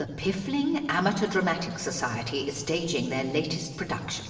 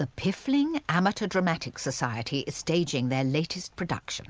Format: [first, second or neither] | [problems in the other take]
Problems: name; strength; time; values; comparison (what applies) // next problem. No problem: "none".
second | room echo; dies away in 1.9 s